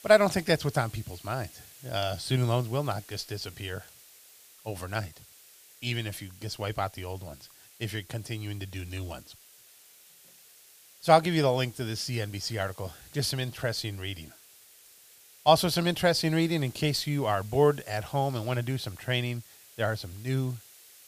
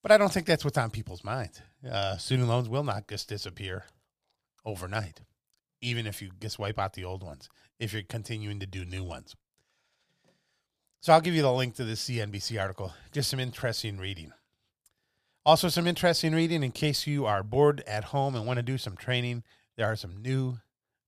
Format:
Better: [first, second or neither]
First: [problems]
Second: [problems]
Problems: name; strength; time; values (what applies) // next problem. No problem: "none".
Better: second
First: hiss; faint; throughout; 20 dB below the speech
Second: none